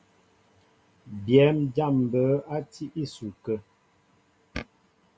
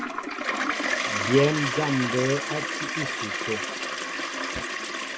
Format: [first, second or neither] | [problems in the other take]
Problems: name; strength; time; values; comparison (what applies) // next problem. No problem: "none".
first | background sound (Toilet flush); as loud as the speech